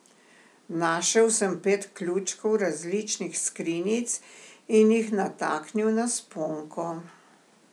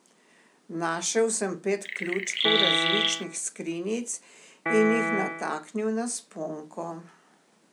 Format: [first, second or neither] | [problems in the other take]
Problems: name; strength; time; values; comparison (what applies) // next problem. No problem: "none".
first | background sound (Chirp, tweet + Piano); 3 dB above the speech